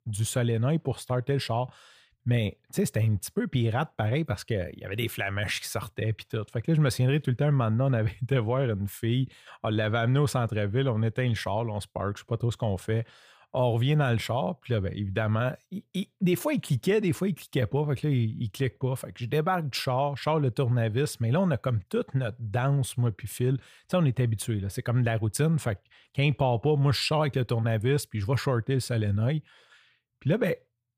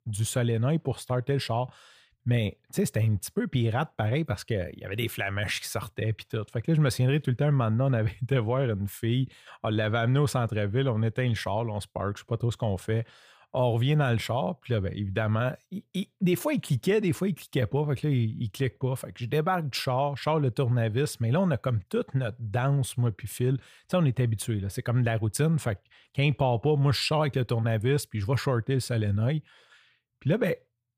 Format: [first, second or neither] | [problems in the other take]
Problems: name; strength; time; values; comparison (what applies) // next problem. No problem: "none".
neither | none